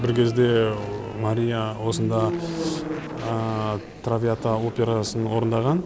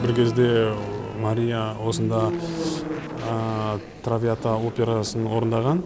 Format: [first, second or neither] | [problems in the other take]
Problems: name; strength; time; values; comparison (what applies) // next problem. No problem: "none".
first | background sound (Acoustic guitar / Strum); 18 dB below the speech